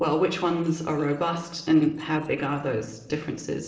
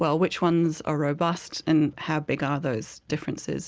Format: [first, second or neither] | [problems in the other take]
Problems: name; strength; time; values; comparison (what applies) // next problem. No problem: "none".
second | noise reduction (neural separator model SepFormer DNS4)